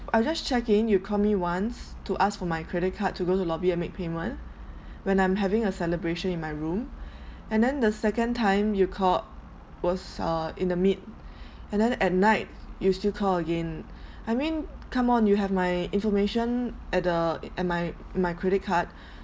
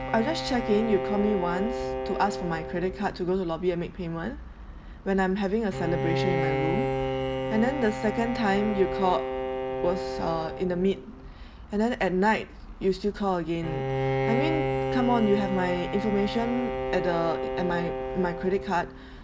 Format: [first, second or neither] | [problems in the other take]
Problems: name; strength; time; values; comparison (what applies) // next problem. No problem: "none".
first | background sound (Bowed string instrument); 3 dB below the speech